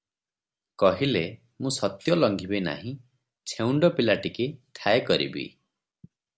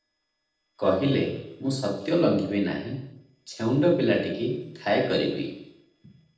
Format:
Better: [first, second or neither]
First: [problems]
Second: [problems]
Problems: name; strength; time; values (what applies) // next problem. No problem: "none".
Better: first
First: none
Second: noise reduction (neural separator model SepFormer DNS4)